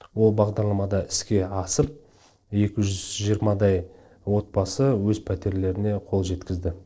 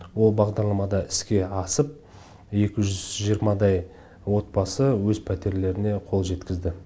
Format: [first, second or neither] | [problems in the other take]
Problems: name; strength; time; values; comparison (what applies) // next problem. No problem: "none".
second | noise reduction (neural separator model SepFormer DNS4)